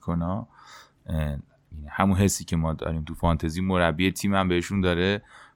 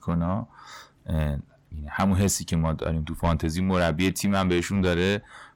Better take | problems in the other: first | distortion; slight; 10 dB below the speech

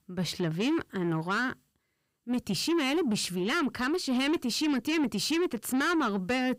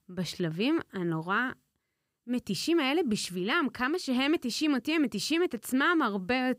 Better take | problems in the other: second | distortion; slight; 10 dB below the speech

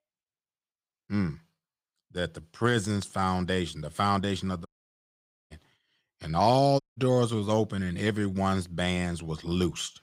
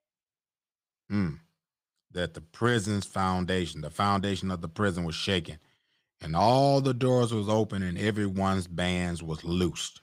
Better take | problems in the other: second | audio cutting out; at 4.5 s for 1 s and at 7 s

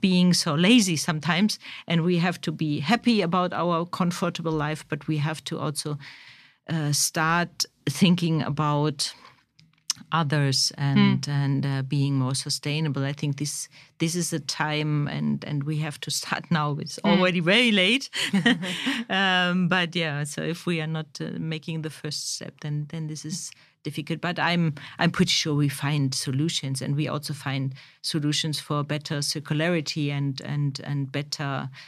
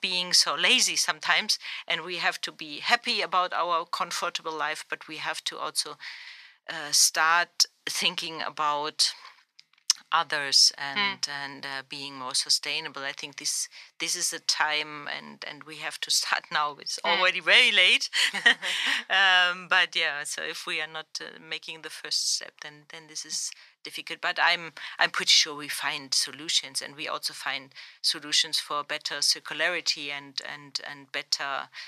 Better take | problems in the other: first | thin; very; fading below 800 Hz

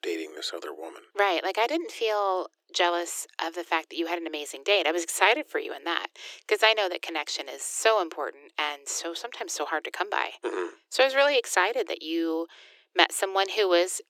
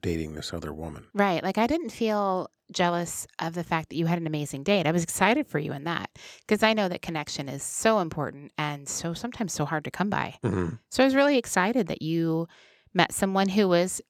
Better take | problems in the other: second | thin; very; fading below 350 Hz

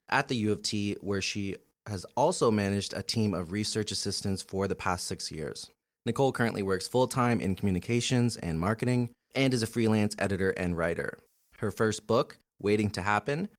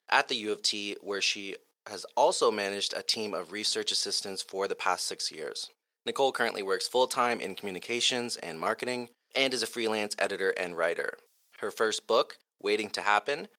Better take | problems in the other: first | thin; very; fading below 550 Hz

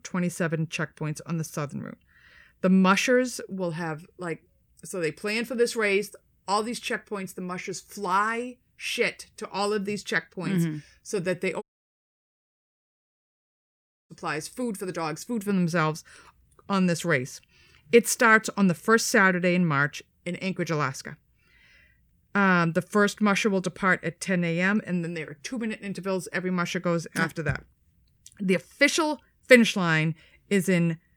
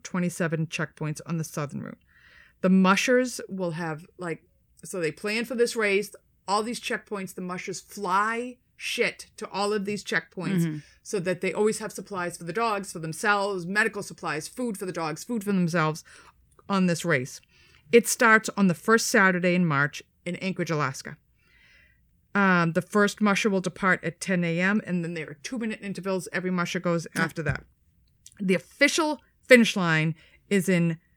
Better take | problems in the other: second | audio cutting out; at 12 s for 2.5 s

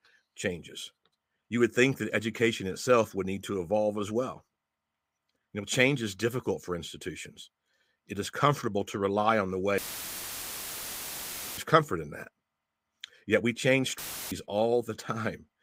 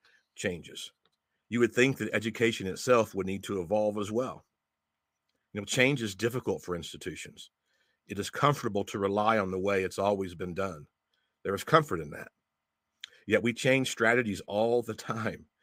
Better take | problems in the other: second | audio cutting out; filled with static; at 10 s for 2 s and at 14 s

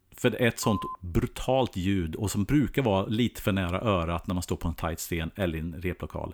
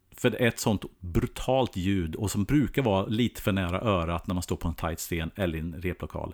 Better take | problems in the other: second | phone ringing; noticeable; at 0.5 s; peak 8 dB below the speech

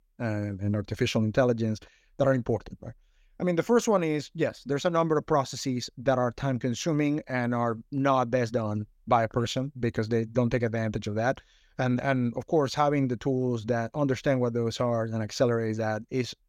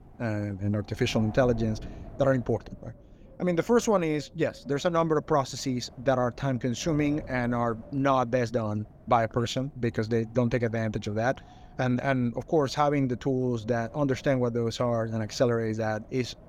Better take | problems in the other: first | wind noise on the microphone; occasional gusts; 25 dB below the speech

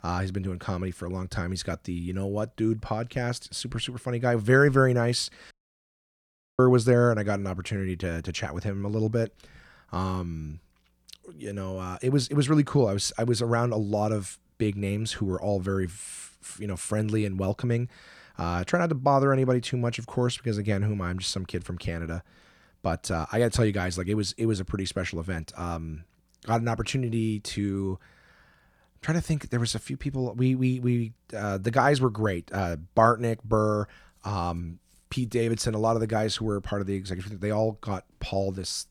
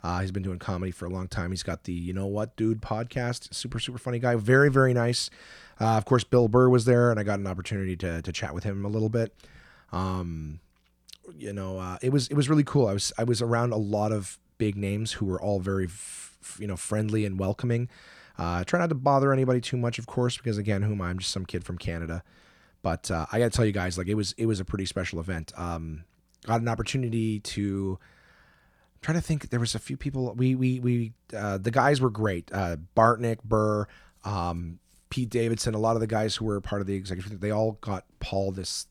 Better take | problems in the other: second | audio cutting out; at 5.5 s for 1 s

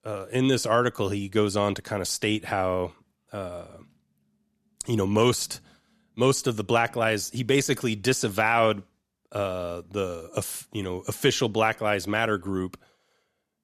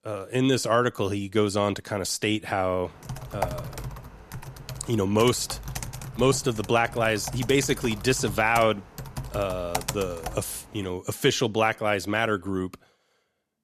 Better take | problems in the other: first | keyboard typing; noticeable; from 3 to 10 s; peak 5 dB below the speech

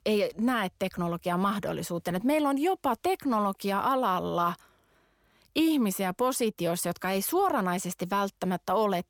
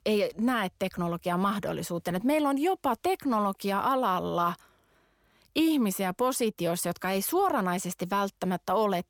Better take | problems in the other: neither | none

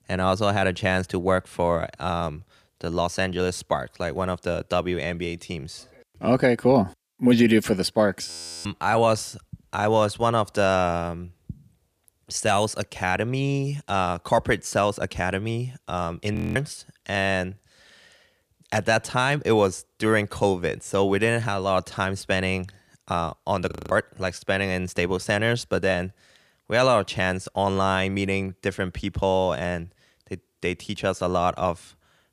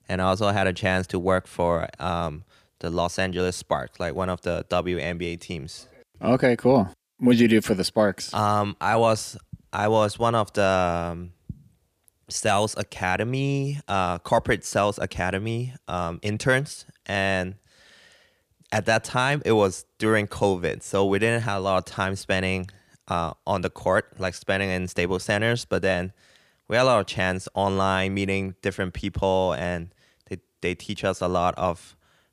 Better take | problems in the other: second | audio freezing; at 8.5 s, at 16 s and at 24 s

